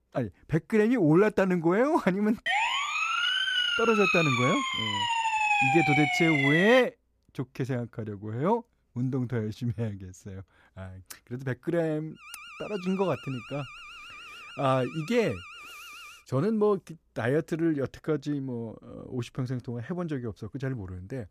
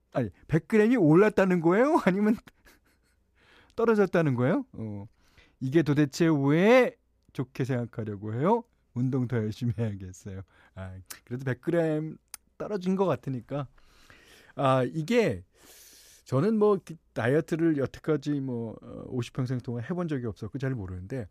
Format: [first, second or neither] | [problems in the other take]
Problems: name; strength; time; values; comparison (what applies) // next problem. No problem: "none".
second | siren; loud; from 2.5 to 7 s; peak 5 dB above the speech // alarm; faint; from 12 to 16 s; peak 15 dB below the speech